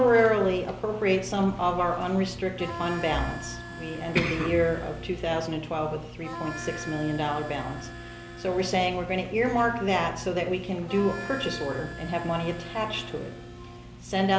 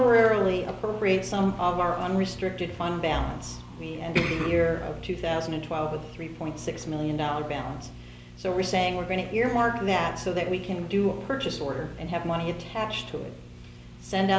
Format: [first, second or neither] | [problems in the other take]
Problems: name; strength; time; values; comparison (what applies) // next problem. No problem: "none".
second | background sound (Harmonica); 14 dB below the speech